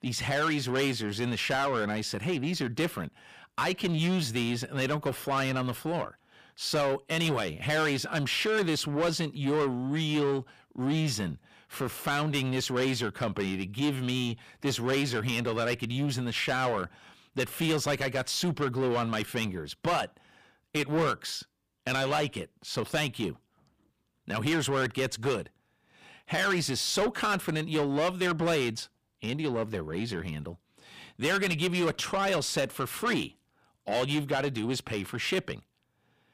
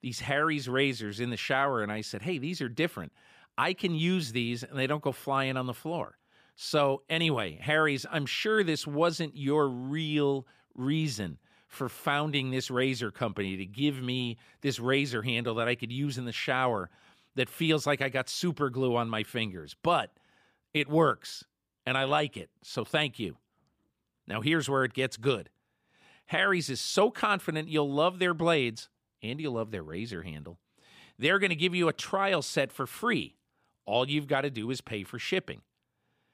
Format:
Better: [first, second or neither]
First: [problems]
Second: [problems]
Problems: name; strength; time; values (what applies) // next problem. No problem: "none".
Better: second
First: distortion; heavy; 7 dB below the speech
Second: none